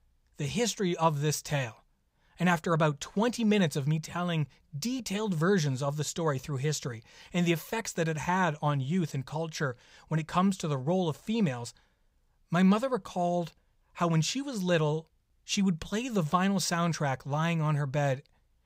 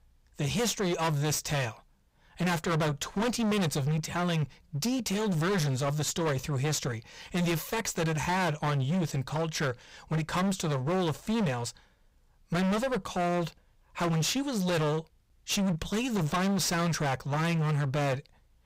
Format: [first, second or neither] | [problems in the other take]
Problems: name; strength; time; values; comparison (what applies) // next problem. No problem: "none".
first | distortion; heavy; 28% of the sound clipped